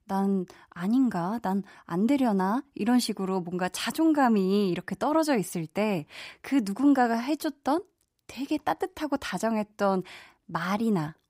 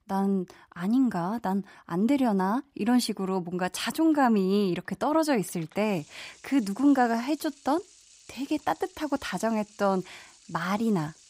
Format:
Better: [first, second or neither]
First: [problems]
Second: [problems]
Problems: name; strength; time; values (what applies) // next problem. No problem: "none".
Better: first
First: none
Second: household noises; faint; throughout; 25 dB below the speech